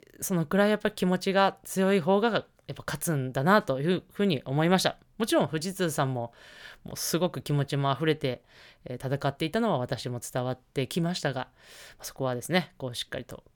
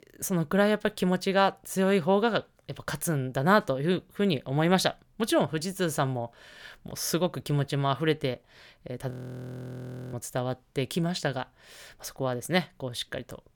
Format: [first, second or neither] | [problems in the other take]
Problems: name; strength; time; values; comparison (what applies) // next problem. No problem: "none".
first | audio freezing; at 9 s for 1 s